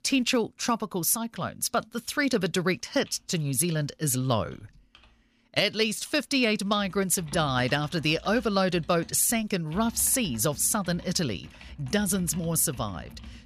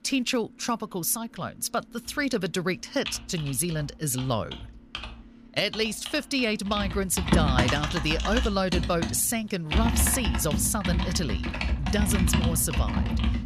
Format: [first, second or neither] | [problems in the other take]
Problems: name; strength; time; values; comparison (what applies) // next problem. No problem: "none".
first | household noises; loud; throughout; 1 dB below the speech; faint in the first